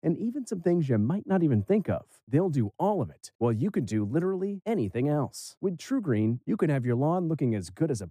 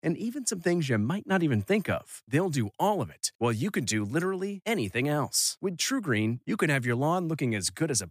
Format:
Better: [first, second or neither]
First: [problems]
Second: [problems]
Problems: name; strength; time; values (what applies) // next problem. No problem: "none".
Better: second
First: muffled; slightly; fading above 1 kHz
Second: none